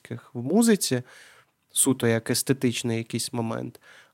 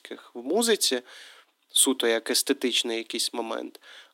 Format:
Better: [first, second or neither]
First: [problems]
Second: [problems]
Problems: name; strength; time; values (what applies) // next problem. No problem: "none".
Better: first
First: none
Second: thin; somewhat; fading below 300 Hz